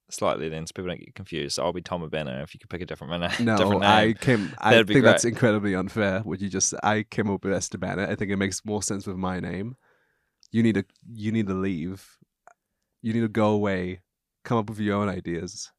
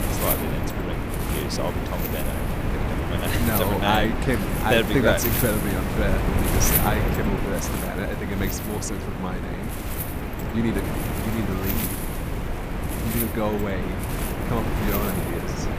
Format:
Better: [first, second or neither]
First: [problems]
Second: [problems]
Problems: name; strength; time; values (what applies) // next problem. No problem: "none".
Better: first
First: none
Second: wind noise on the microphone; heavy; 2 dB below the speech